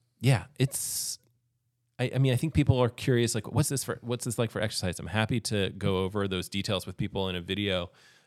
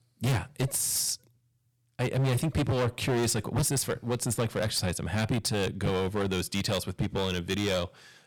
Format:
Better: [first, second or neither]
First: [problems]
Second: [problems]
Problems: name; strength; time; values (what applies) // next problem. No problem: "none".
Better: first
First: none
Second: distortion; heavy; 15% of the sound clipped